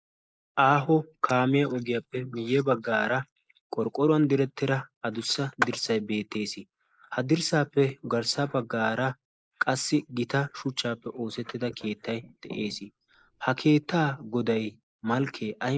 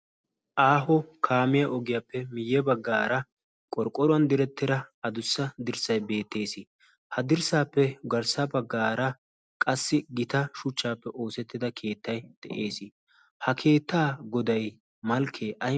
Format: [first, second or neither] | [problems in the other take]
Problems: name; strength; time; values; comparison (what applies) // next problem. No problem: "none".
second | noise reduction (neural mask model Resemble Enhance denoiser)